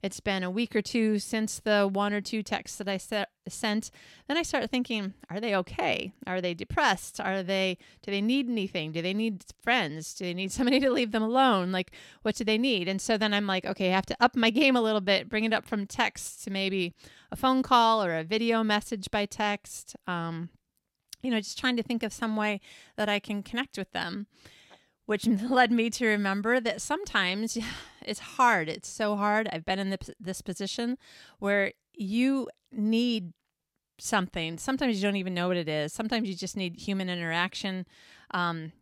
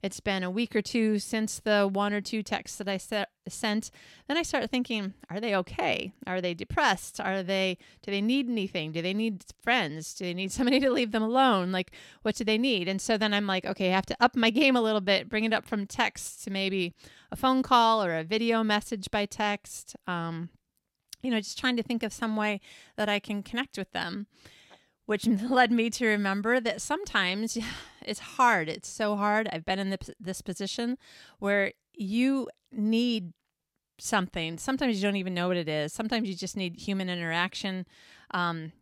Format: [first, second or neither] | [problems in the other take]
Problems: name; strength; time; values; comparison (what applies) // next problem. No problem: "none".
neither | none